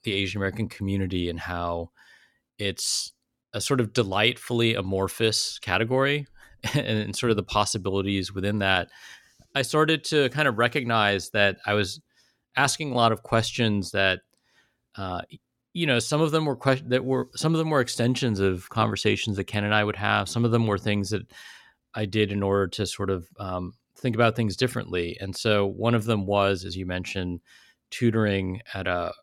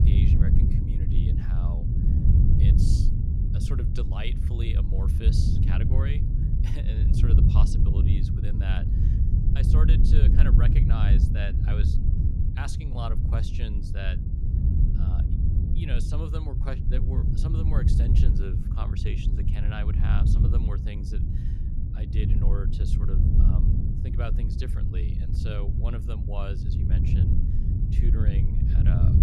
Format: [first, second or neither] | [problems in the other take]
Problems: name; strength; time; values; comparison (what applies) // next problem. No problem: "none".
first | wind noise on the microphone; heavy; 1 dB above the speech